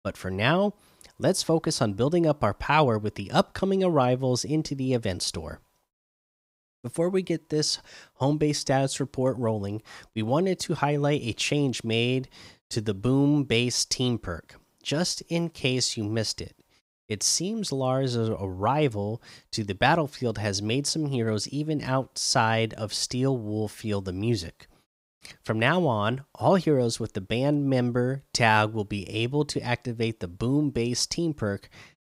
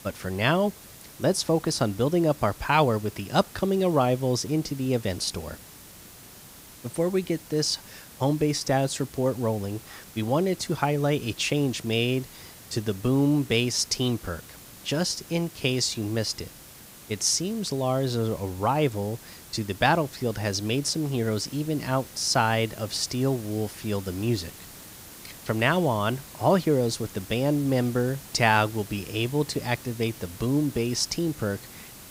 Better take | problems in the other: first | hiss; noticeable; throughout; 20 dB below the speech

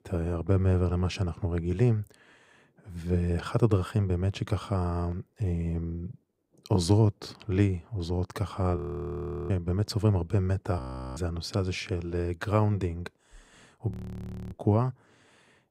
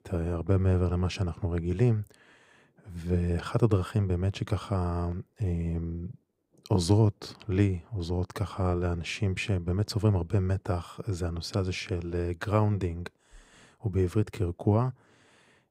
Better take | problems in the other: second | audio freezing; at 9 s for 0.5 s, at 11 s and at 14 s for 0.5 s

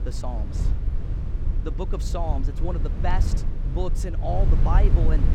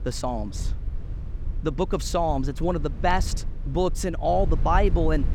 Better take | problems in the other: second | low rumble; loud; throughout; 8 dB below the speech; faint in the second

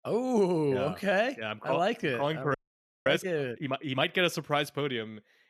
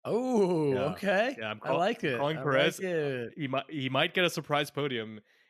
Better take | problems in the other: second | audio freezing; at 2.5 s for 0.5 s

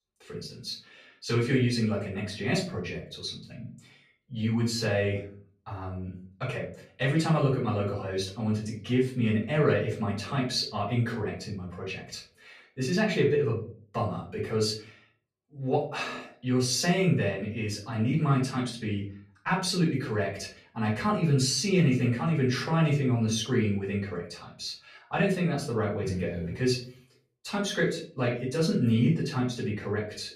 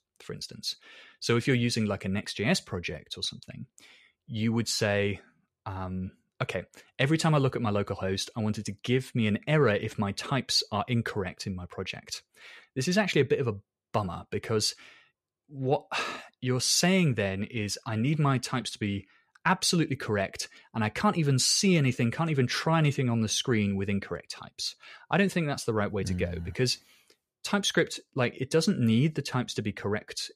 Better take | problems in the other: second | off-mic speech; far // room echo; slight; dies away in 0.4 s

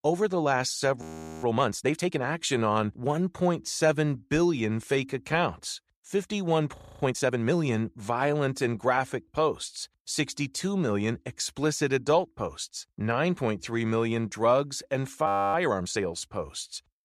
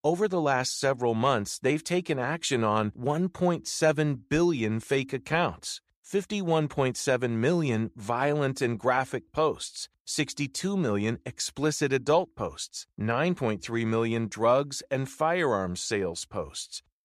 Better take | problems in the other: second | audio freezing; at 1 s, at 7 s and at 15 s

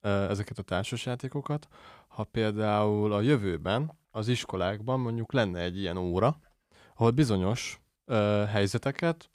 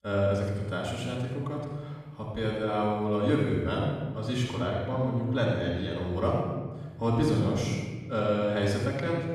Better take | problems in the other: first | off-mic speech; far // room echo; noticeable; dies away in 1.2 s

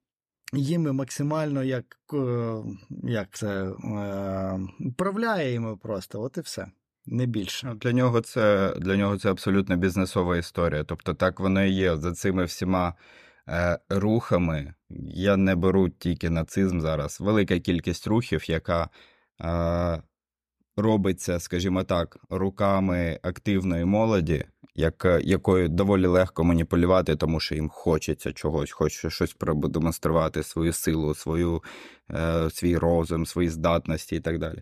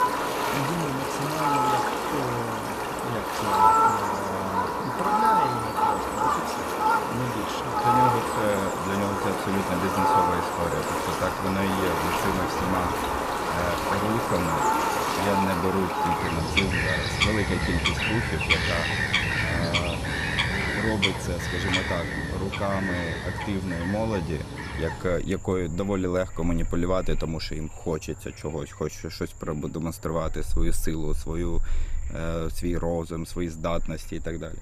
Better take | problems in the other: first | animal sounds; very loud; throughout; 5 dB above the speech

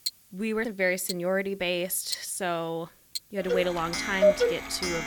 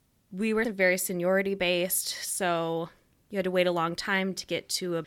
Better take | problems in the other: second | household noises; very loud; throughout; as loud as the speech

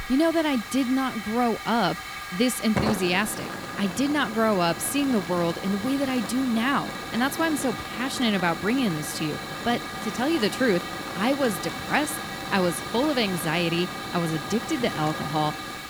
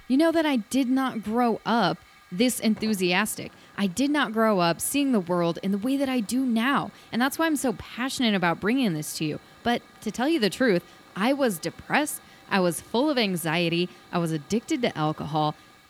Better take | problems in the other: second | hiss; loud; throughout; 7 dB below the speech; faint in the second

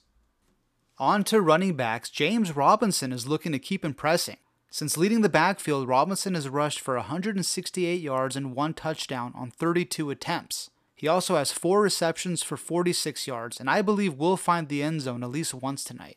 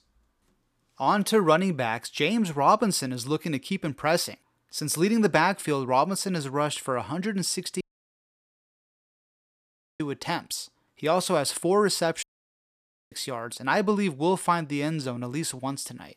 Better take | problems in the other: first | audio cutting out; at 8 s for 2 s and at 12 s for 1 s

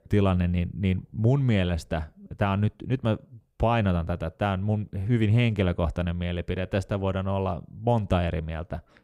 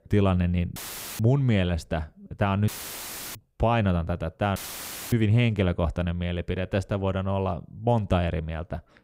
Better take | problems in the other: first | audio cutting out; filled with static; at 1 s, at 2.5 s for 0.5 s and at 4.5 s for 0.5 s

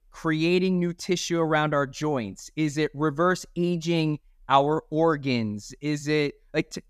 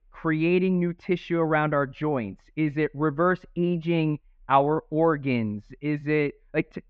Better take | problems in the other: first | muffled; very; fading above 2.5 kHz

